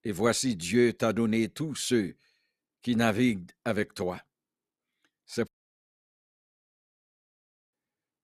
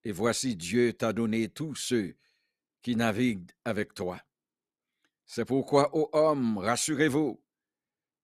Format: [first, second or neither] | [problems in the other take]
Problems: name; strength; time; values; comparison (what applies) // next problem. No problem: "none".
second | audio cutting out; at 5.5 s for 2 s